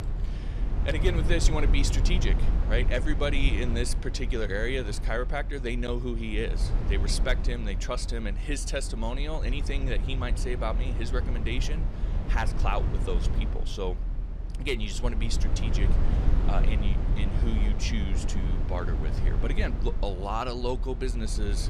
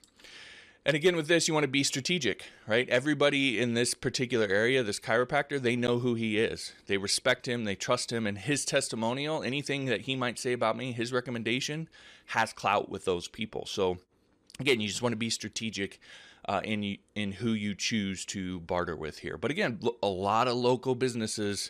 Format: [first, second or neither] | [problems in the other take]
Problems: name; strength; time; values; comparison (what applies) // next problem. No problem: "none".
second | low rumble; loud; throughout; 9 dB below the speech